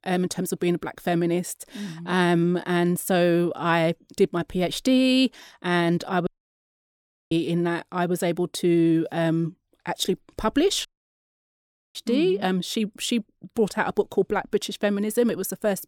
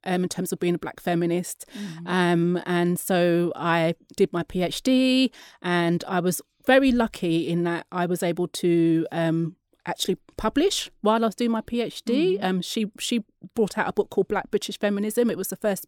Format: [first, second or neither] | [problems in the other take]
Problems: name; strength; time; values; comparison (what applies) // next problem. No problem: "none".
second | audio cutting out; at 6.5 s for 1 s and at 11 s for 1 s